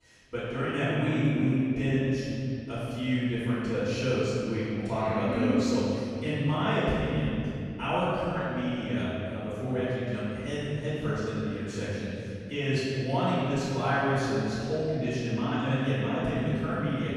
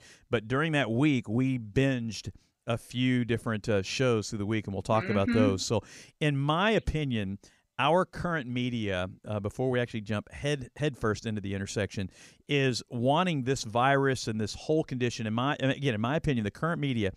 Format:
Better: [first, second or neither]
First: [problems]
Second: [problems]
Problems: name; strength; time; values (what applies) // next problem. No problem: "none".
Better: second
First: room echo; strong; dies away in 2.8 s // off-mic speech; far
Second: none